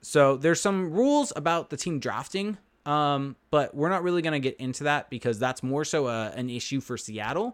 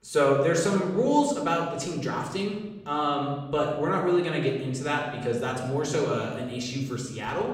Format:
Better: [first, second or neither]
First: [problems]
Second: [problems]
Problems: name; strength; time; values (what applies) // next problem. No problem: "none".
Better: first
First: none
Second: off-mic speech; far // room echo; noticeable; dies away in 1 s